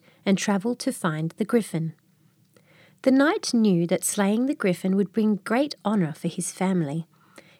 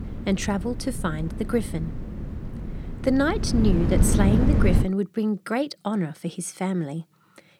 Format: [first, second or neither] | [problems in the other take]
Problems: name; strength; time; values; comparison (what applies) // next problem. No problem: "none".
first | wind noise on the microphone; heavy; until 5 s; 6 dB below the speech